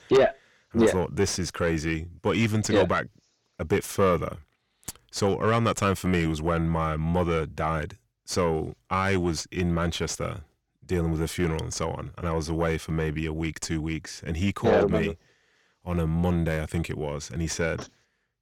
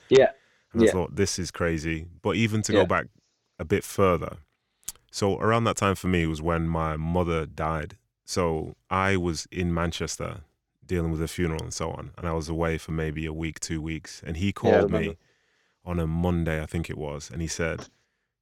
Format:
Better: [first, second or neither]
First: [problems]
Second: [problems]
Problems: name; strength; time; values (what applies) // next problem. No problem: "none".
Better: second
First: distortion; slight; 10 dB below the speech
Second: none